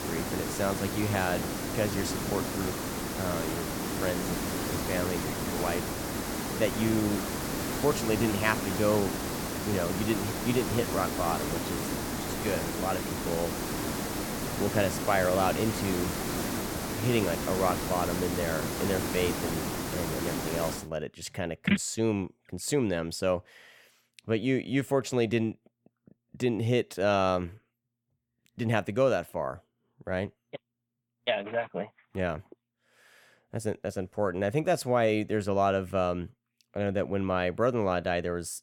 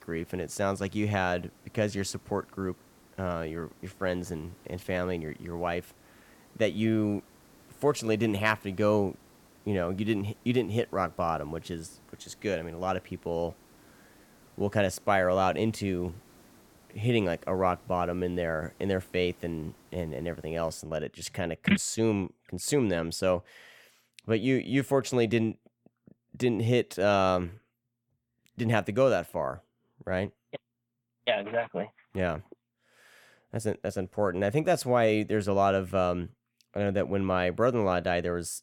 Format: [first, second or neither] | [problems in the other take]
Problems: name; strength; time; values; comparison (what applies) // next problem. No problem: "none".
second | hiss; loud; until 21 s; 2 dB below the speech; faint in the second